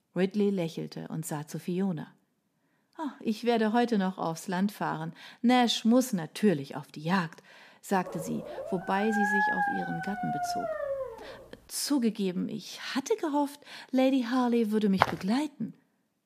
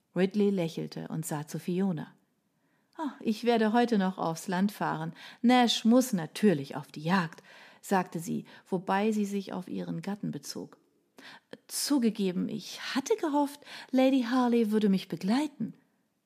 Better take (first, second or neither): second